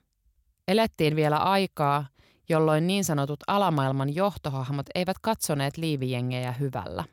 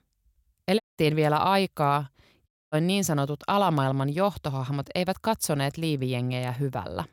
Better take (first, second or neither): first